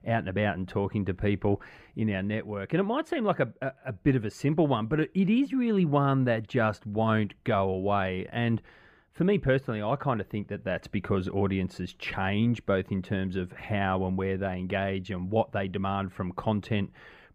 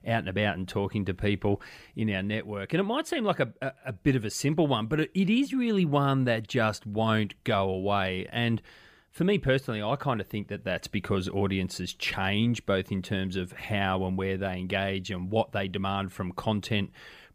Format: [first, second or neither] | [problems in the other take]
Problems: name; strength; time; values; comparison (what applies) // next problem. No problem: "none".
second | muffled; slightly; fading above 3 kHz